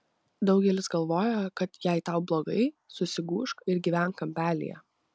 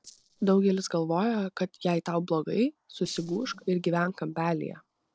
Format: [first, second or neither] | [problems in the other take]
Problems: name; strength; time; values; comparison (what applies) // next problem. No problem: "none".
first | noise reduction (neural separator model SepFormer DNS4)